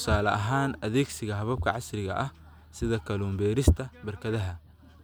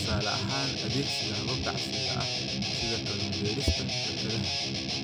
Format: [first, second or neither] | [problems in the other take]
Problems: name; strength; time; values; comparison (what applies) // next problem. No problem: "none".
first | background sound (Guitar); 4 dB above the speech